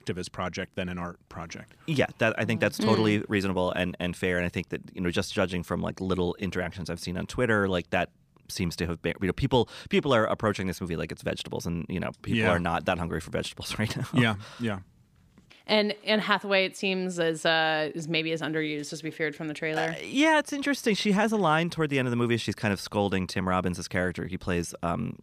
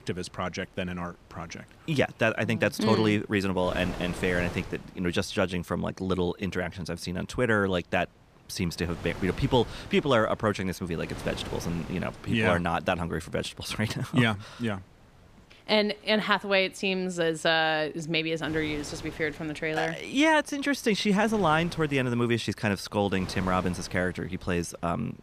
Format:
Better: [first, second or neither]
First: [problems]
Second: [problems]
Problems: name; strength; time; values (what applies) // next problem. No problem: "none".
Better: first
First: none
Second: wind noise on the microphone; occasional gusts; 15 dB below the speech